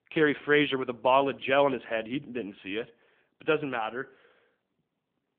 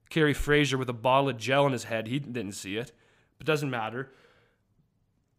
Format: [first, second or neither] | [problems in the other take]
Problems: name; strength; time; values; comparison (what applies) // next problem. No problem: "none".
second | phone-call audio; nothing above 3.5 kHz